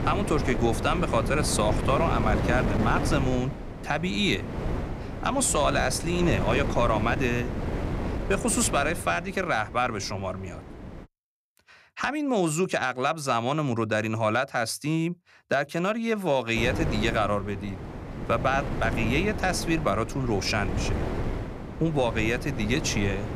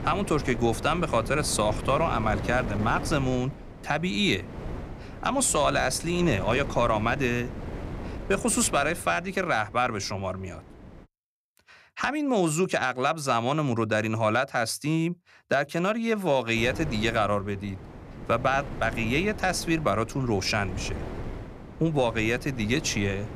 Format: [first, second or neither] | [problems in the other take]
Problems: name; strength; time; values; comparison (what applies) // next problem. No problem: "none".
second | wind noise on the microphone; heavy; until 11 s and from 17 s on; 9 dB below the speech; occasional gusts in the second